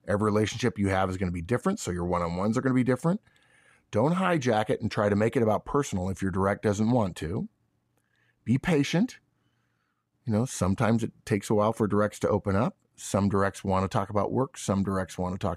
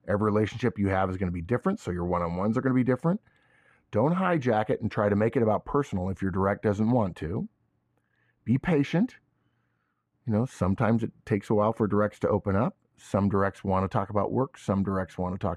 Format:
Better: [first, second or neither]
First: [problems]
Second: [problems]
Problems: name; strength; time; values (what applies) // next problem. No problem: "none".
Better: first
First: none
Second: muffled; slightly; fading above 3 kHz